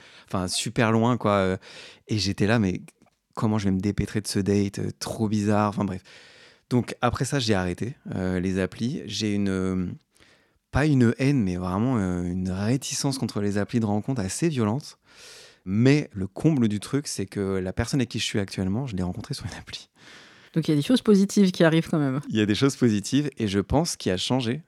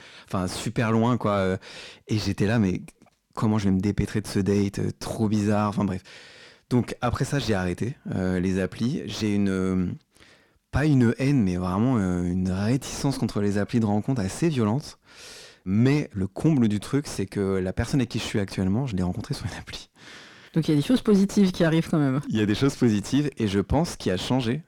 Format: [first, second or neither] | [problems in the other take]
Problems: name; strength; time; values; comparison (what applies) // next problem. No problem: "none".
first | distortion; slight; 10 dB below the speech